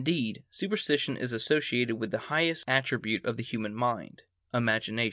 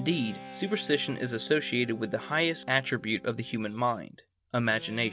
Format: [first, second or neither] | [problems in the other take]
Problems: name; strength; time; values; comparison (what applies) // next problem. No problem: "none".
first | background sound (Guitar); 17 dB below the speech